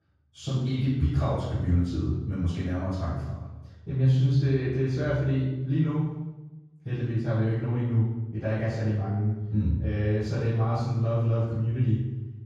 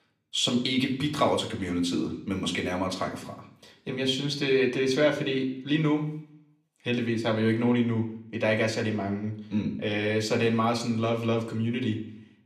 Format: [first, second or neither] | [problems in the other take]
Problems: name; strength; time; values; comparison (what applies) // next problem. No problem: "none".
second | room echo; strong; dies away in 1.3 s; slight in the second // off-mic speech; far; somewhat distant in the second